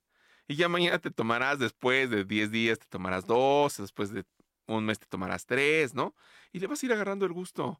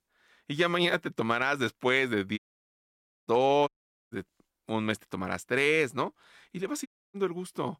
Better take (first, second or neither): first